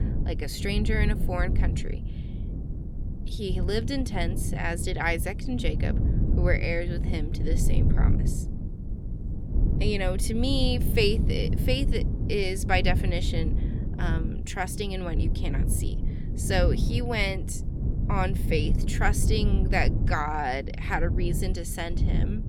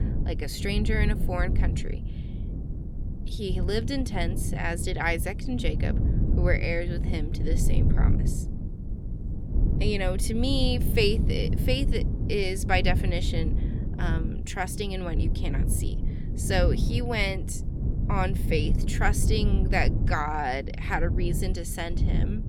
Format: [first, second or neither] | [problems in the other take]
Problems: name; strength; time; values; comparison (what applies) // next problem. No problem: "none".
neither | low rumble; noticeable; throughout; 10 dB below the speech; the same in both